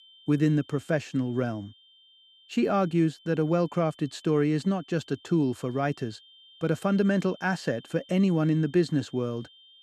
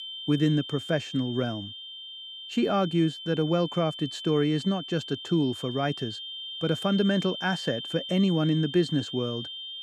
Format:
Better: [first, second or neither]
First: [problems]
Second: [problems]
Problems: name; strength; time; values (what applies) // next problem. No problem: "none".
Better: first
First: high-pitched whine; faint; throughout; 3 kHz, 25 dB below the speech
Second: high-pitched whine; loud; throughout; 3 kHz, 9 dB below the speech